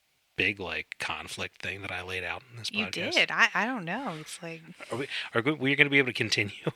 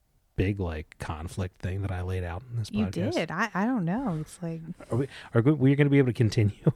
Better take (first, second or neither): second